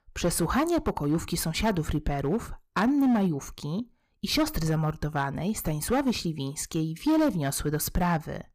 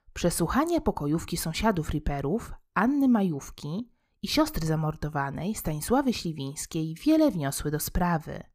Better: second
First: distortion; slight; 7% of the sound clipped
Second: none

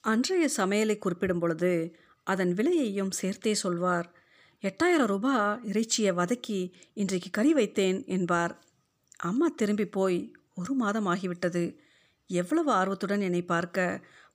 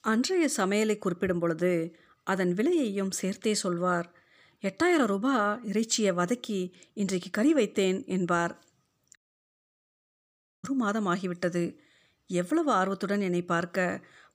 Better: first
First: none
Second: audio cutting out; at 9 s for 1.5 s

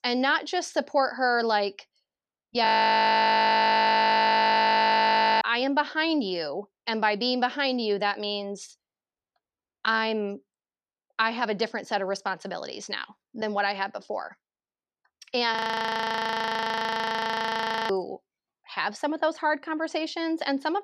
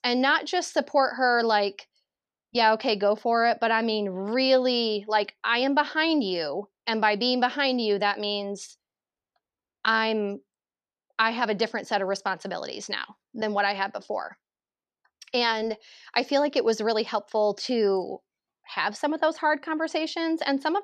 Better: second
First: audio freezing; at 2.5 s for 3 s and at 16 s for 2.5 s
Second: none

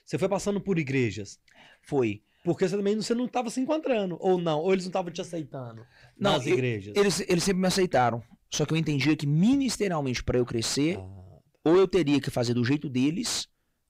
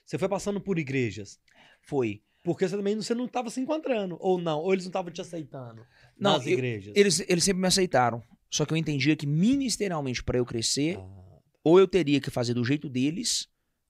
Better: second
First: distortion; slight; 10 dB below the speech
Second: none

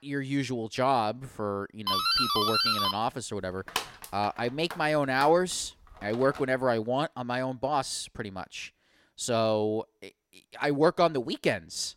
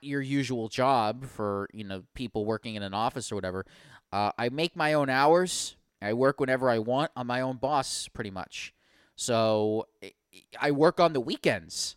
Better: second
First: doorbell; loud; from 2 to 6.5 s; peak 5 dB above the speech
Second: none

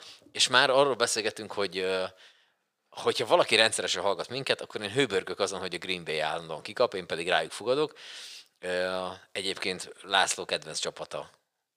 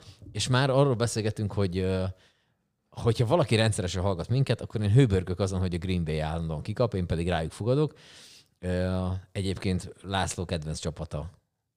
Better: second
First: thin; very; fading below 500 Hz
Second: none

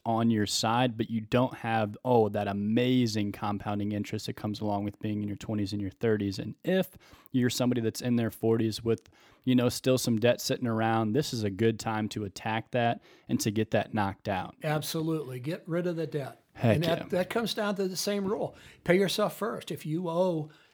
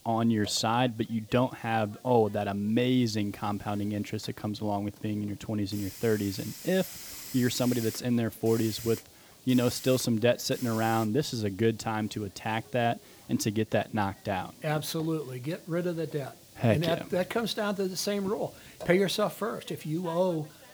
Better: first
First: none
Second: hiss; noticeable; throughout; 15 dB below the speech

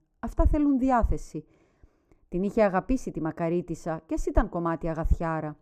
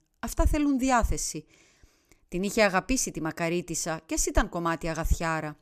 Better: second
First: muffled; very; fading above 2 kHz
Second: none

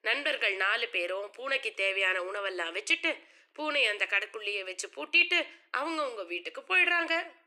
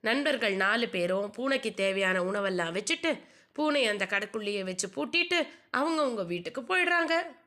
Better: second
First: thin; very; fading below 300 Hz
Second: none

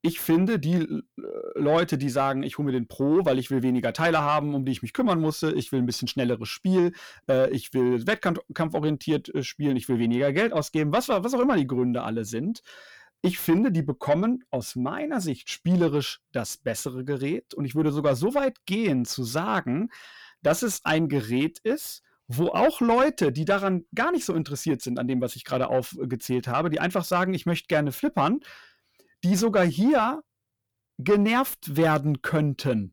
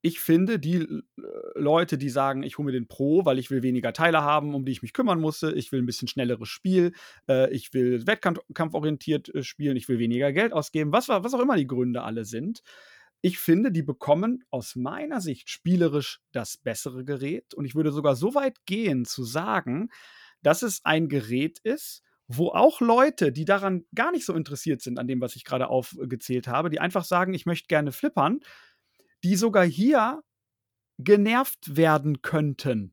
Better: second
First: distortion; slight; 10 dB below the speech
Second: none

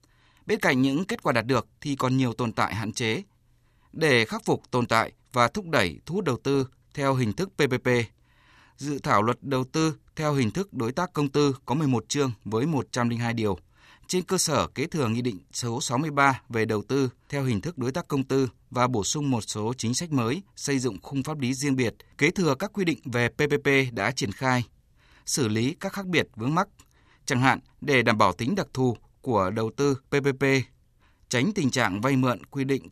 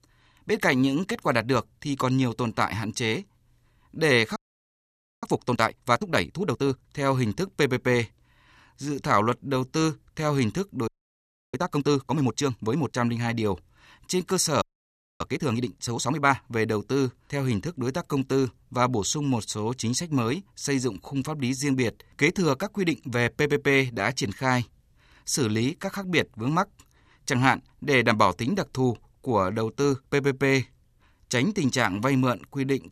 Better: first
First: none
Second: audio freezing; at 4.5 s for 1 s, at 11 s for 0.5 s and at 15 s for 0.5 s

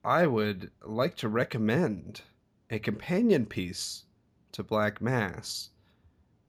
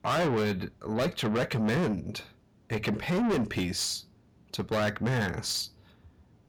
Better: first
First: none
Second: distortion; heavy; 6 dB below the speech

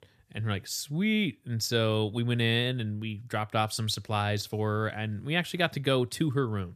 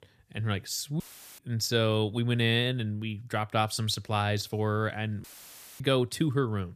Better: first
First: none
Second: audio cutting out; filled with static; at 1 s and at 5 s for 0.5 s

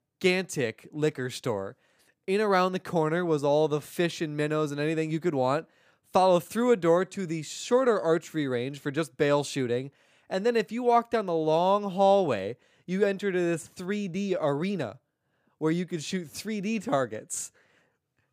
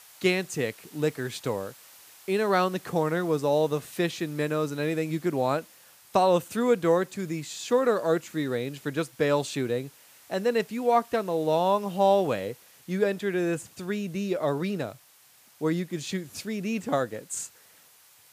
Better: first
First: none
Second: hiss; faint; throughout; 25 dB below the speech

